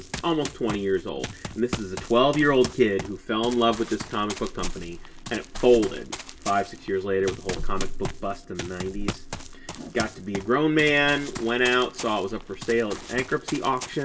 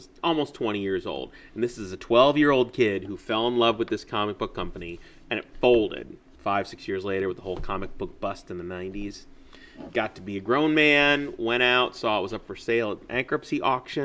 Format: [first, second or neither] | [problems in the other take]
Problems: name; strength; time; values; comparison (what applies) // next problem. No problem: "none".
second | background sound (Run); 13 dB below the speech // room echo; dies away in 0.1 s